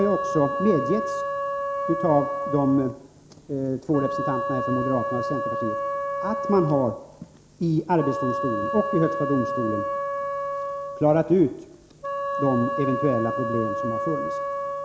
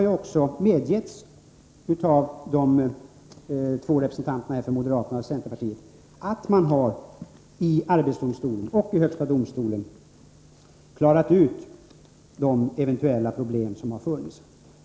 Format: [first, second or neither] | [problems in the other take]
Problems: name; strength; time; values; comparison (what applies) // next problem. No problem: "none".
second | background sound (Wind instrument, woodwind instrument); 3 dB below the speech